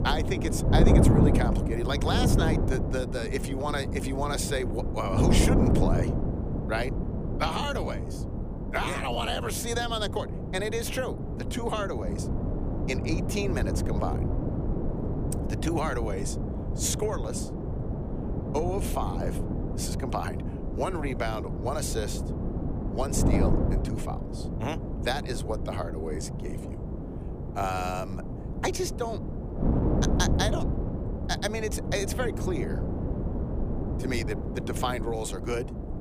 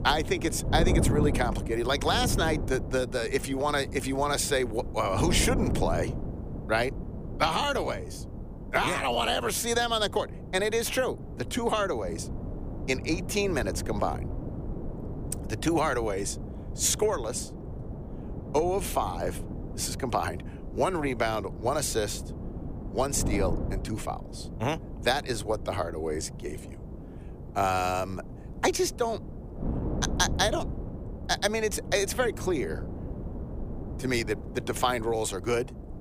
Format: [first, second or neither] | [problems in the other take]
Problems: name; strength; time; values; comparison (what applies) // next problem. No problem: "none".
second | wind noise on the microphone; heavy; 4 dB below the speech; occasional gusts in the second